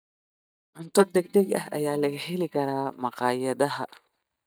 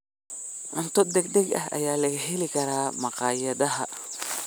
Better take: second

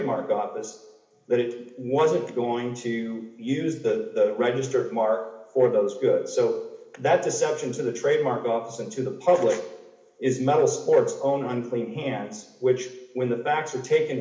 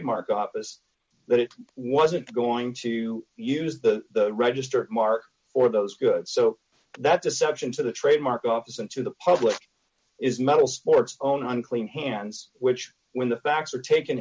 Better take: second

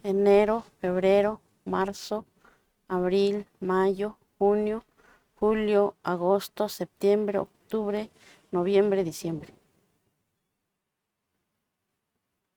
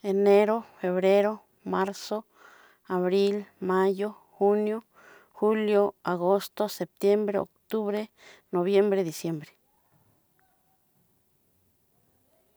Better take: second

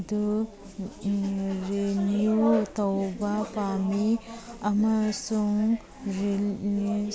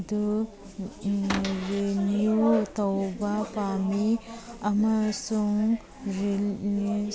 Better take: first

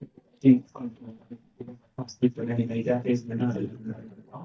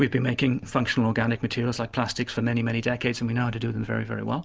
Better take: second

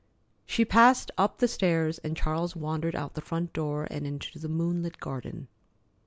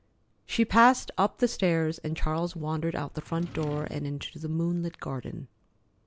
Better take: first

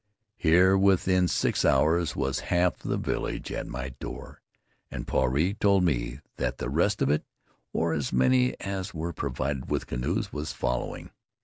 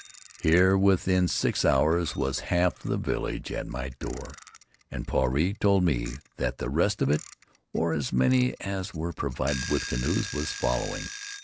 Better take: first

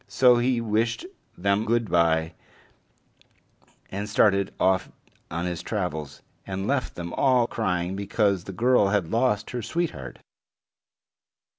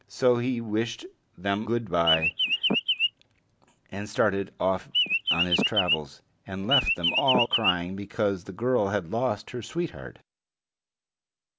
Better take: first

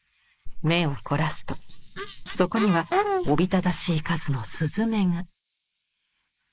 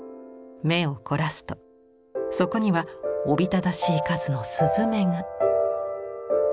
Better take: second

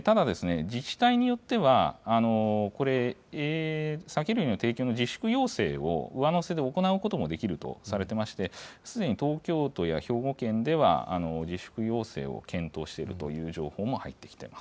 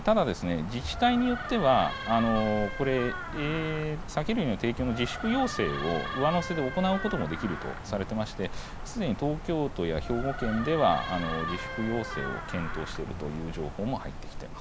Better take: first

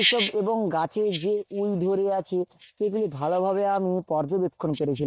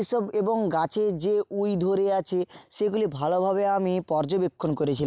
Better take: second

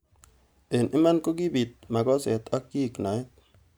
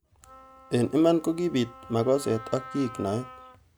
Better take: first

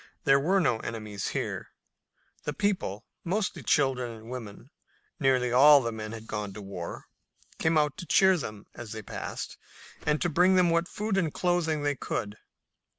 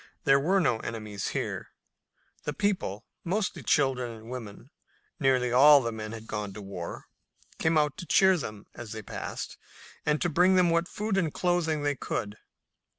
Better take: second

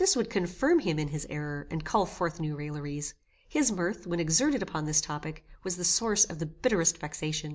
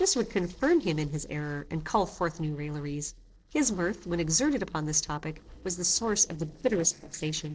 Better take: first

